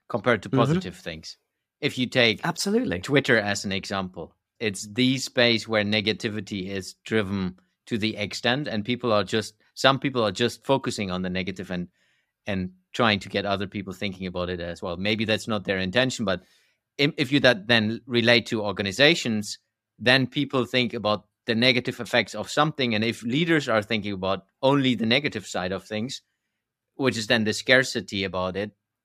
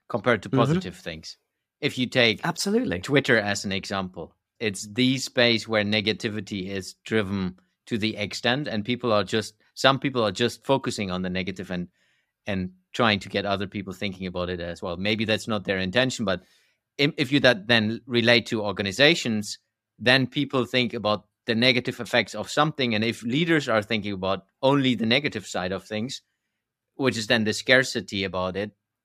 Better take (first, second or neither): neither